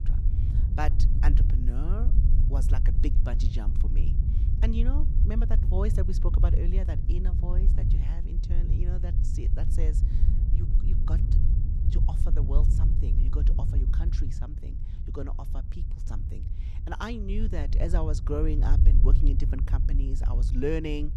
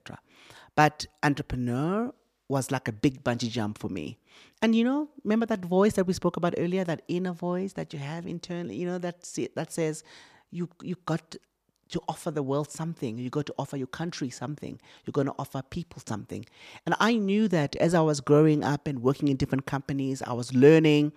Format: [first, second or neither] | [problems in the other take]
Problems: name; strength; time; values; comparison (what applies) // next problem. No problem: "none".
second | low rumble; loud; throughout; 6 dB below the speech